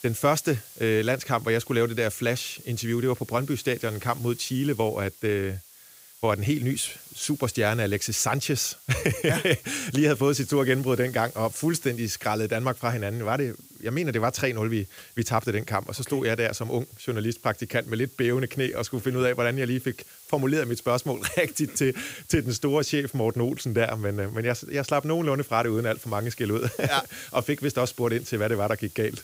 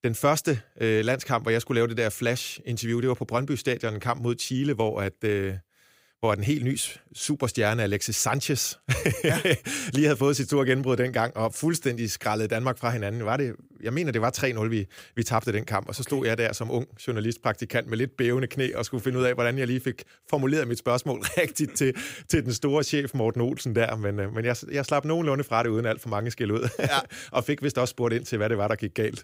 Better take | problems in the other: second | hiss; noticeable; throughout; 20 dB below the speech

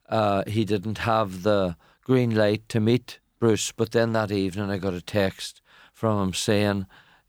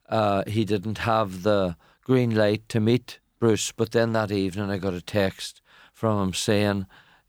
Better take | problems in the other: neither | none

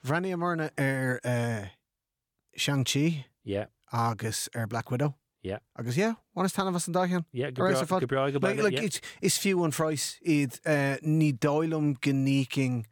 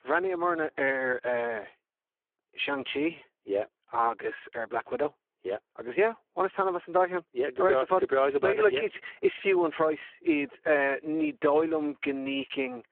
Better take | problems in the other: first | phone-call audio; poor line

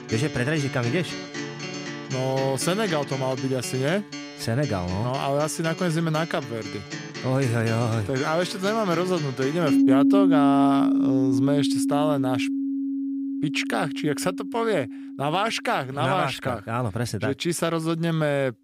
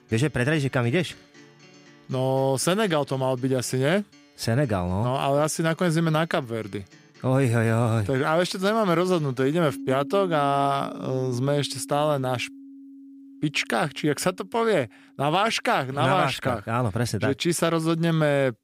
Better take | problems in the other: second | background music; loud; throughout; 1 dB below the speech; faint in the second

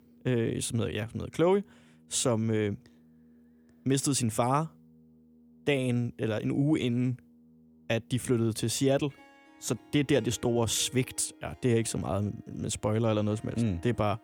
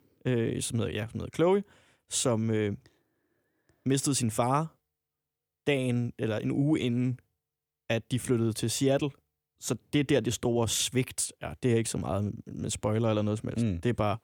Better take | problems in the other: second | background music; faint; throughout; 25 dB below the speech

